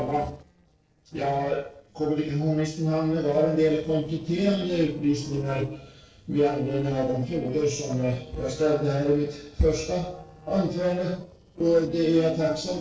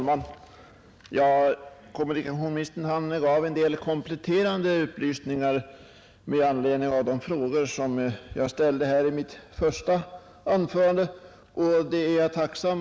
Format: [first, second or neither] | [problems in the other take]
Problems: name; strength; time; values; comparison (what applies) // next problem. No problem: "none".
second | noise reduction (neural separator model SepFormer DNS4)